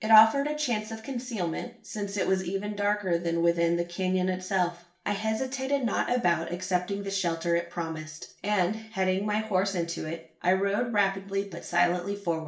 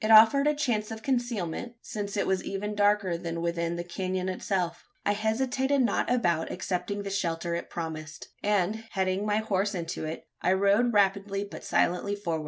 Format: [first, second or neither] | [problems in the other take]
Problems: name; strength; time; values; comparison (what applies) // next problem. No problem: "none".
second | room echo; dies away in 0.4 s